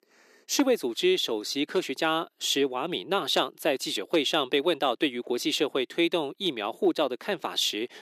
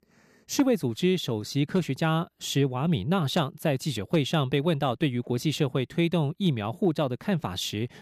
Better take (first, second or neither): second